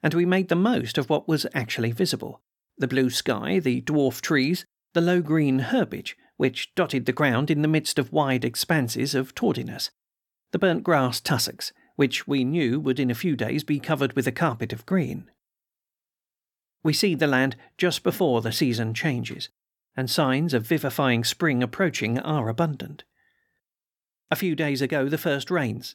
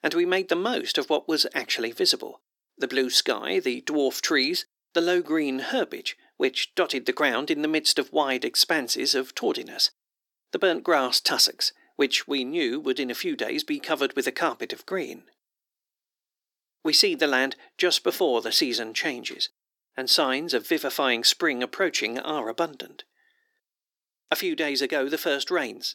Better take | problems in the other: first | thin; somewhat; fading below 350 Hz

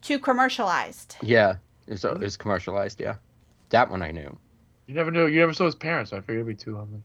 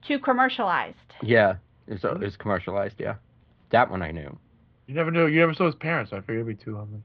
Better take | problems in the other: first | muffled; slightly; fading above 3.5 kHz

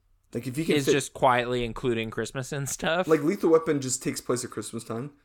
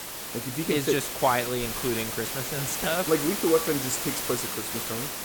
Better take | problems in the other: first | hiss; loud; throughout; 2 dB below the speech

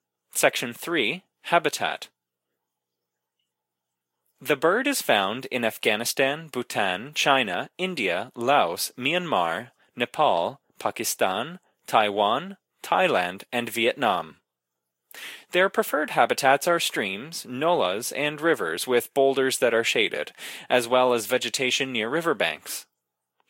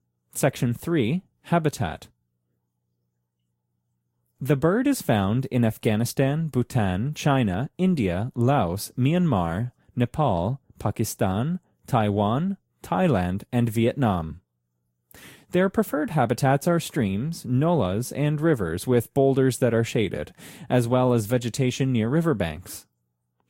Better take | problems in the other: second | thin; very; fading below 500 Hz

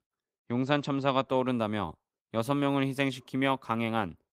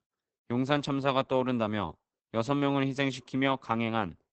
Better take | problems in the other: first | garbled, watery; badly; nothing above 8 kHz; slightly in the first

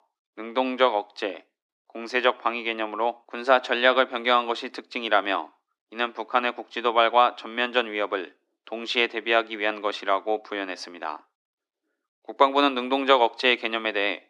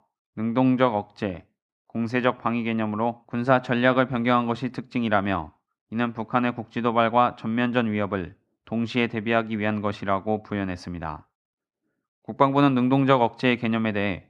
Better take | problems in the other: second | thin; somewhat; fading below 300 Hz

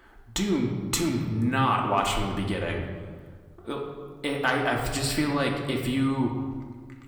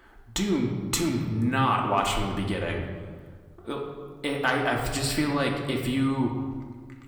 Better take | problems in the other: neither | room echo; slight; dies away in 1.3 s; the same in both // off-mic speech; somewhat distant; the same in both

